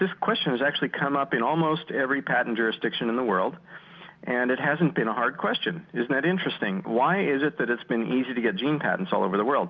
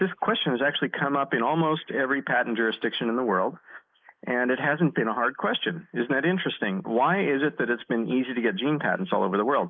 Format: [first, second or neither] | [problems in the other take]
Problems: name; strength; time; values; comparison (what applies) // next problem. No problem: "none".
first | noise reduction (neural mask model Resemble Enhance denoiser)